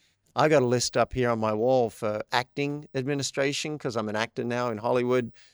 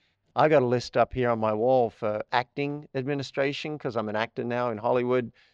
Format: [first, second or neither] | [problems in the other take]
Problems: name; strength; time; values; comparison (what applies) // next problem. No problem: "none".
first | muffled; slightly; fading above 4 kHz